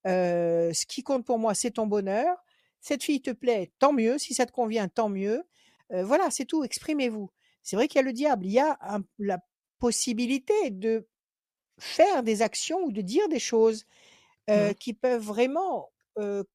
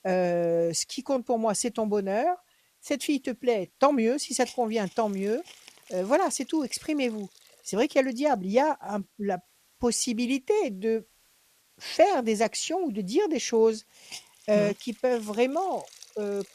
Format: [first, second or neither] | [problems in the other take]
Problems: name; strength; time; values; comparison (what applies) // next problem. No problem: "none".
first | hiss; faint; throughout; 25 dB below the speech